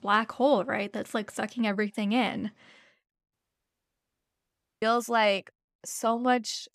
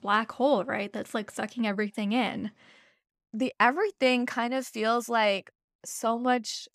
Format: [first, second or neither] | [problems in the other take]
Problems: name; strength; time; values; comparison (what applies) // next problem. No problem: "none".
second | audio cutting out; at 3.5 s for 1.5 s